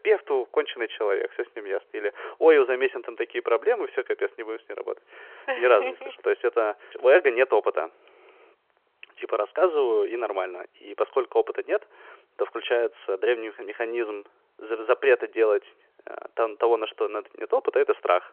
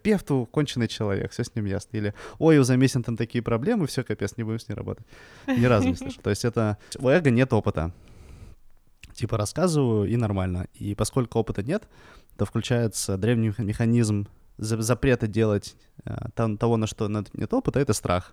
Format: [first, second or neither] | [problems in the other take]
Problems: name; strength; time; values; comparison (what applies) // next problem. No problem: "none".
second | phone-call audio